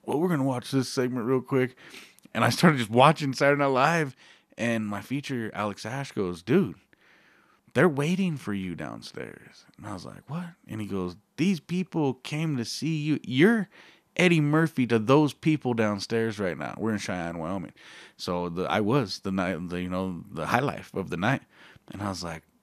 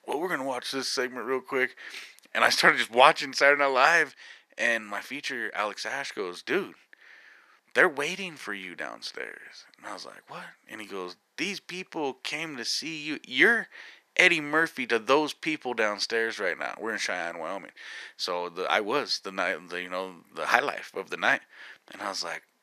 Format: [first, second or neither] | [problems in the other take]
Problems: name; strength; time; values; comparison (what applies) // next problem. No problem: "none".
first | thin; very; fading below 500 Hz